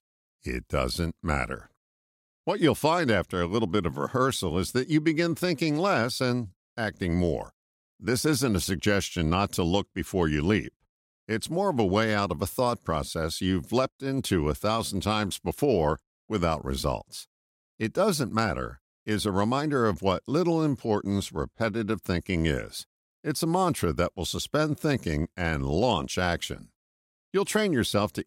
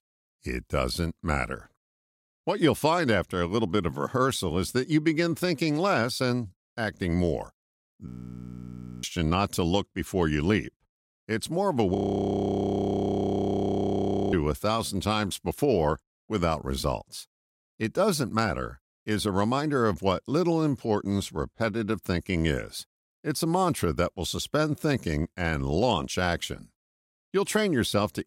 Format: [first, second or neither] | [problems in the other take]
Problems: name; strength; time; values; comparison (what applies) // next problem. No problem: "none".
first | audio freezing; at 8 s for 1 s and at 12 s for 2.5 s